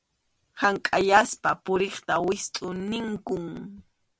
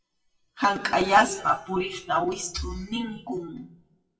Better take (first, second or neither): first